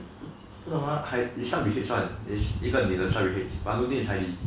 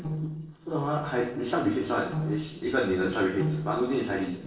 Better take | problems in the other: first | noise reduction (neural separator model SepFormer DNS4)

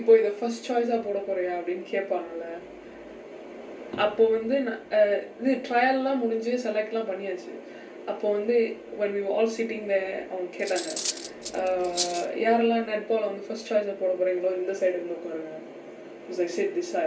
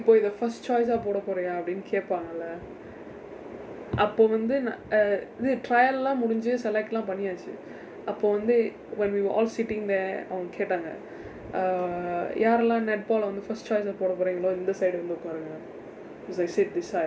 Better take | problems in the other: second | background sound (Cutlery, silverware); 8 dB below the speech // room echo; dies away in 0.3 s

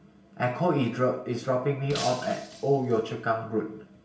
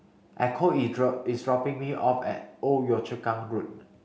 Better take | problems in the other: second | background sound (Shatter); 14 dB below the speech // room echo; dies away in 0.2 s

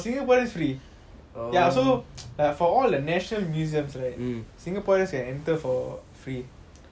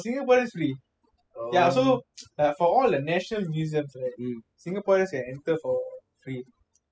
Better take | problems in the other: first | noise reduction (classical method spectral subtraction)

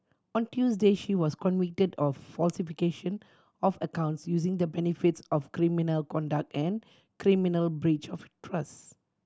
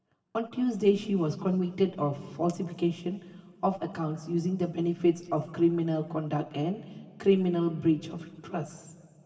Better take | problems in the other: first | room echo; dies away in 2.3 s

